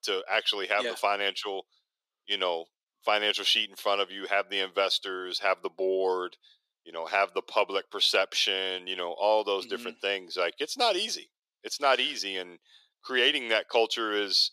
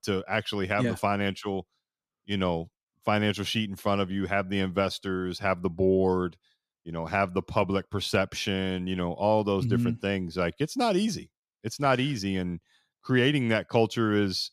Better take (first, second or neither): second